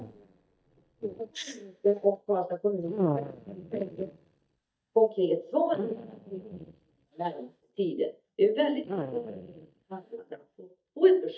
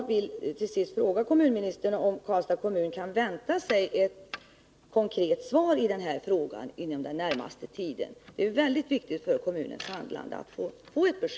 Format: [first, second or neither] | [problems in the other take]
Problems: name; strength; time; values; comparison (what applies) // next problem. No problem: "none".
second | noise reduction (neural mask model DeepFilterNet 3)